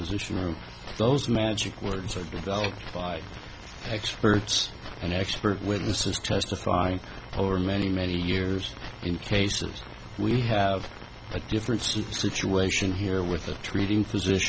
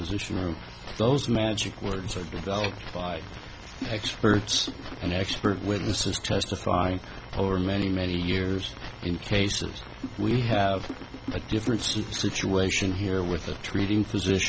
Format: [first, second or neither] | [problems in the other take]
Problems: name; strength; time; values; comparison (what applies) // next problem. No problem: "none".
first | background sound (Drum); 11 dB below the speech